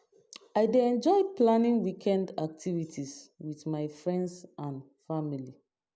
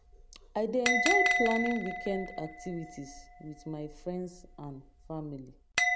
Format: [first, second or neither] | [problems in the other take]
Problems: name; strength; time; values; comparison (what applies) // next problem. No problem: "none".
first | background sound (Bell); 1 dB above the speech